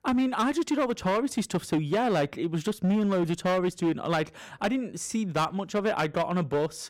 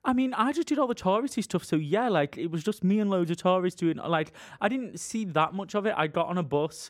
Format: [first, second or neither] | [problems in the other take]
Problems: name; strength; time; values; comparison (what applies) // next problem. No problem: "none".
second | distortion; slight; 11% of the sound clipped